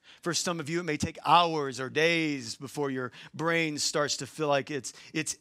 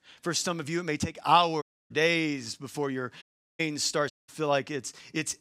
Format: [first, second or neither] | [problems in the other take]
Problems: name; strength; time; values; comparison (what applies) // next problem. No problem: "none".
first | audio cutting out; at 1.5 s, at 3 s and at 4 s